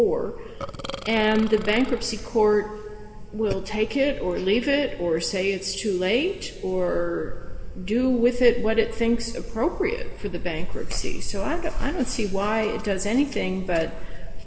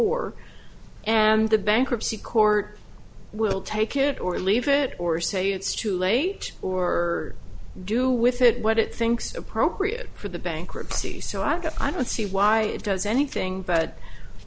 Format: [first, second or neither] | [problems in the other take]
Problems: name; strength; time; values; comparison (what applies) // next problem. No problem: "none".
second | background sound (Burping, eructation); 15 dB below the speech // room echo; dies away in 2.1 s